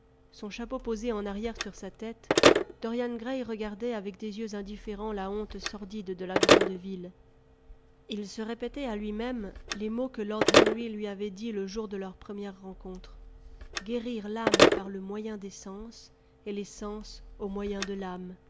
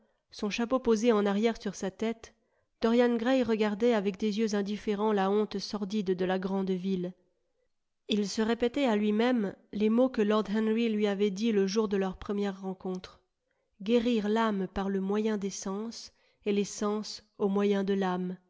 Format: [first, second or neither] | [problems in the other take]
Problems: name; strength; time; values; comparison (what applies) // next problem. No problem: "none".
second | background sound (Telephone); 5 dB above the speech